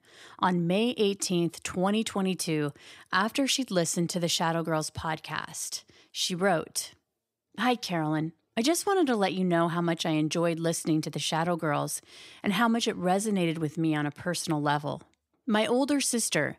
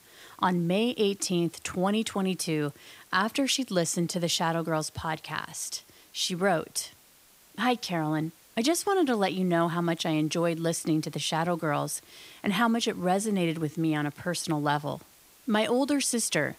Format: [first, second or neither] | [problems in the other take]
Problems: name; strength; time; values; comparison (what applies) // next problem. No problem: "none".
first | hiss; faint; throughout; 25 dB below the speech